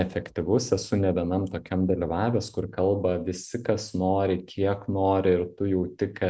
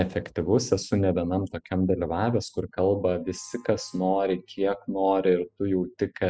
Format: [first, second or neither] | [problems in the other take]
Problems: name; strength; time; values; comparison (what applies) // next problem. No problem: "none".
first | noise reduction (classical method spectral subtraction)